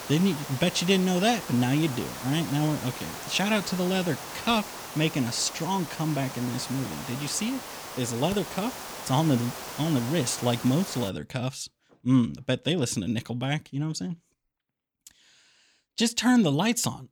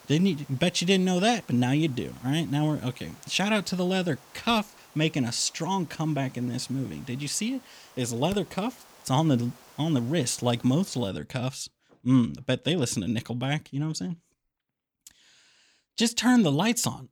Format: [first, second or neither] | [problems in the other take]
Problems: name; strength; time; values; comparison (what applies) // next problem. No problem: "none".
second | hiss; loud; until 11 s; 10 dB below the speech; faint in the second